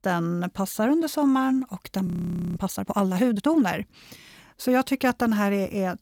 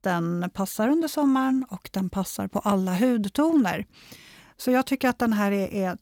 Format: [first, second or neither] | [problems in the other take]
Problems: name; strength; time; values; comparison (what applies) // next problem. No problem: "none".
second | audio freezing; at 2 s